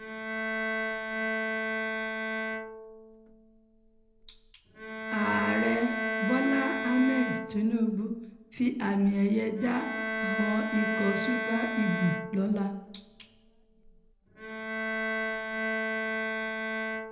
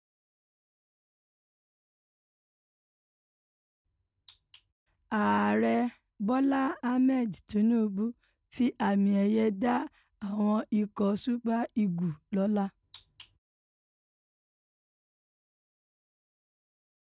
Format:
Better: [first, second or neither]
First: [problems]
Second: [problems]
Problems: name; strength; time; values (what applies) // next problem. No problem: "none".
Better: second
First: background sound (Bowed string instrument); 2 dB below the speech // room echo; dies away in 0.7 s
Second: none